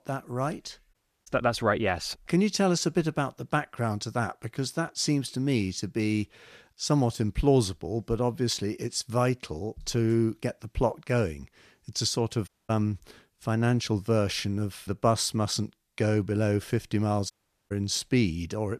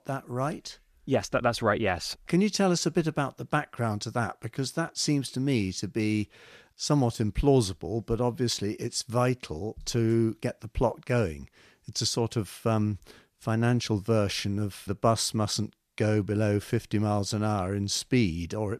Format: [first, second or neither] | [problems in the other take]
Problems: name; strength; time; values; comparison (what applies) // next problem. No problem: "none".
second | audio cutting out; at 1 s, at 12 s and at 17 s